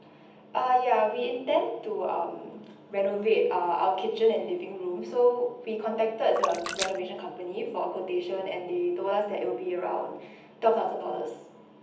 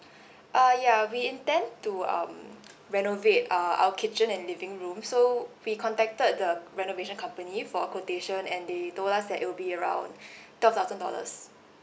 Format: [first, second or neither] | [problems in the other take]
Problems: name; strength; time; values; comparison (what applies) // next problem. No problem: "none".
second | background sound (Splash, splatter); 9 dB below the speech // room echo; dies away in 0.8 s